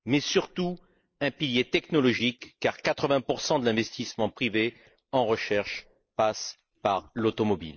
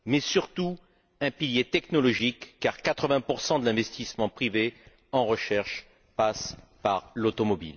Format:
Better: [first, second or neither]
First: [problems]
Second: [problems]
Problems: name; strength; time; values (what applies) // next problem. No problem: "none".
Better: second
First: noise reduction (neural mask model Resemble Enhance denoiser)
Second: none